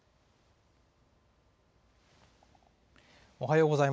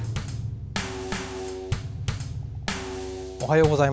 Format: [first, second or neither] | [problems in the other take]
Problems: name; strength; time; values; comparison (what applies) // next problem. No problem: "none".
first | background sound (Bass drum / Snare drum / Drum kit); 3 dB below the speech